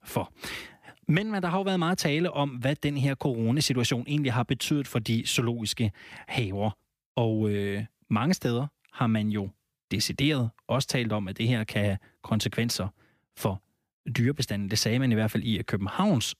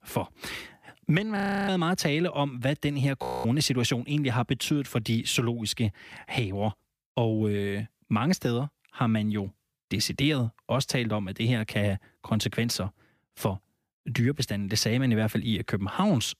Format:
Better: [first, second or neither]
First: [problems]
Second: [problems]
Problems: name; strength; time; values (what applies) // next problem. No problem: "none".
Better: first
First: none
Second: audio freezing; at 1.5 s and at 3 s